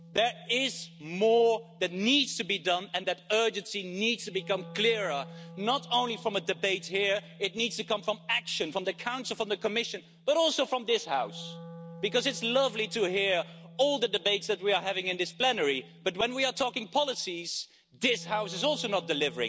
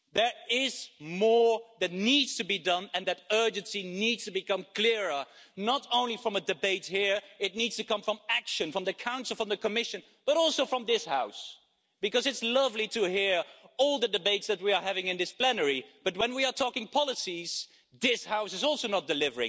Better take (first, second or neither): second